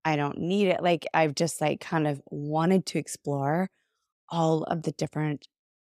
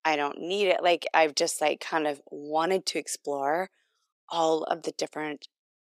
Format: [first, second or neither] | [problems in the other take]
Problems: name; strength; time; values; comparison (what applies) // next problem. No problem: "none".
first | thin; very; fading below 350 Hz